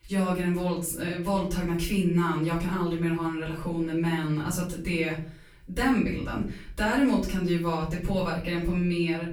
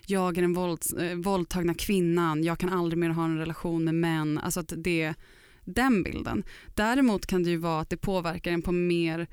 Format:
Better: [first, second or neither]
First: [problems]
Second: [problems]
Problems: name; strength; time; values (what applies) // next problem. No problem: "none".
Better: second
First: off-mic speech; far // room echo; slight; dies away in 0.4 s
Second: none